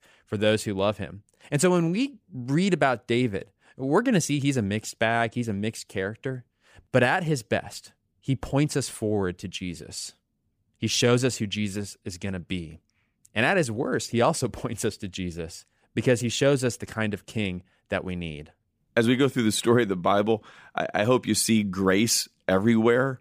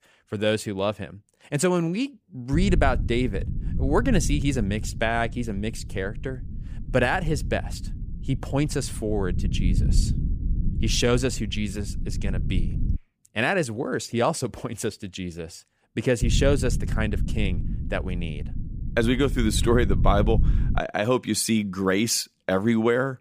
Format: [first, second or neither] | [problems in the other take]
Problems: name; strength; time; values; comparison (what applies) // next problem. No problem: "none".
first | low rumble; noticeable; from 2.5 to 13 s and from 16 to 21 s; 15 dB below the speech